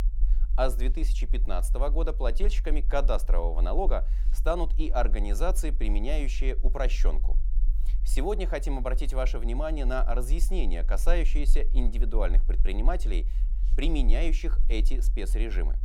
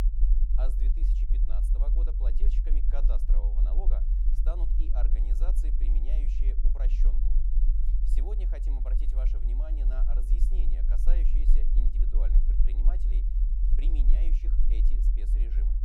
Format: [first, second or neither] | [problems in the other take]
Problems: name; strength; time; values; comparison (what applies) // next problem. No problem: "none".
first | low rumble; loud; throughout; 3 dB below the speech; faint in the first